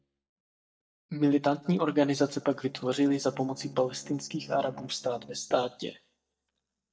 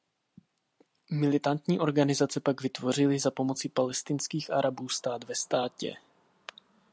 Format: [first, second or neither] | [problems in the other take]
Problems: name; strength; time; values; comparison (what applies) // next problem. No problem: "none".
second | noise reduction (neural mask model DeepFilterNet 3)